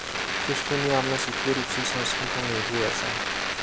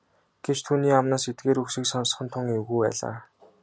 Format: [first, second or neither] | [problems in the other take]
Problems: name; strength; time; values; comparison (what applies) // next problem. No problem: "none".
second | background sound (Telephone); 2 dB above the speech